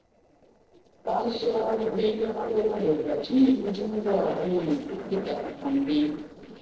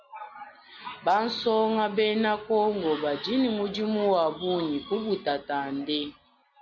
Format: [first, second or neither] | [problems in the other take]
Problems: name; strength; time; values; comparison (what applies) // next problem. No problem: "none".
second | noise reduction (neural separator model SepFormer DNS4)